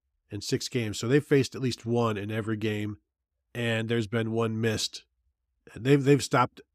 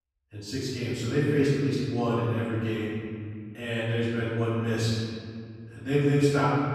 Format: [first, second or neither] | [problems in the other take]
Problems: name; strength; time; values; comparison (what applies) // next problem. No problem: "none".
first | off-mic speech; far // room echo; strong; dies away in 2.2 s